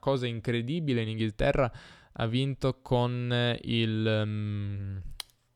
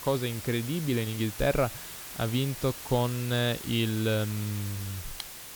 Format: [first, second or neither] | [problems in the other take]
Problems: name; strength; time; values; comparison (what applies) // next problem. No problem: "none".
first | hiss; loud; throughout; 9 dB below the speech